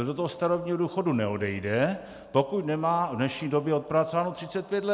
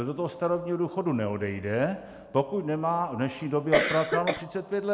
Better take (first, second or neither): first